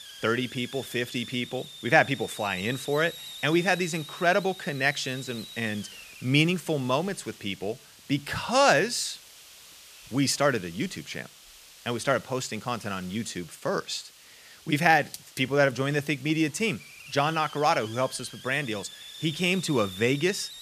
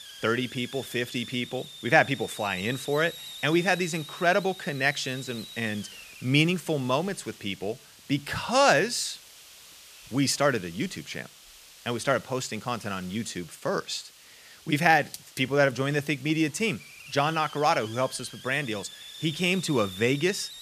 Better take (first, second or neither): neither